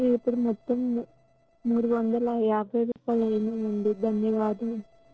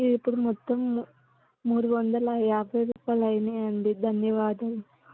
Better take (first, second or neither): second